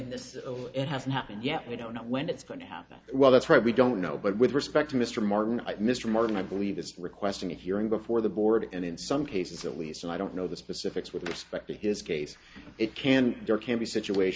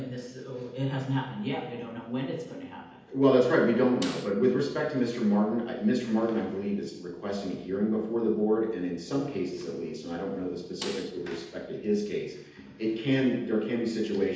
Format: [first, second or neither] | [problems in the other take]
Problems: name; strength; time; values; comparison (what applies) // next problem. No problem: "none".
first | background sound (Snare drum); 15 dB below the speech // room echo; dies away in 0.8 s